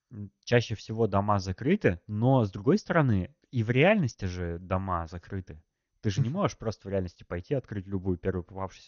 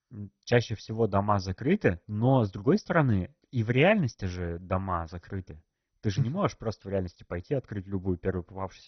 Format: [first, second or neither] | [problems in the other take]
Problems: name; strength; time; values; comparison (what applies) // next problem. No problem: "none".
first | garbled, watery; badly; nothing above 6 kHz; slightly in the first